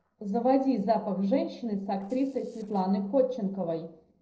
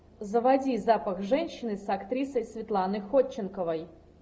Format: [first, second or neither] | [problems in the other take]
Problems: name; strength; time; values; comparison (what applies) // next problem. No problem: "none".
second | noise reduction (neural separator model SepFormer DNS4)